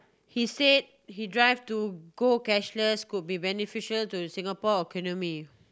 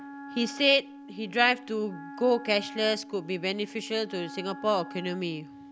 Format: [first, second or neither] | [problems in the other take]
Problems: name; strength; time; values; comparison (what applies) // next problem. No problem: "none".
first | background sound (Wind instrument, woodwind instrument); 14 dB below the speech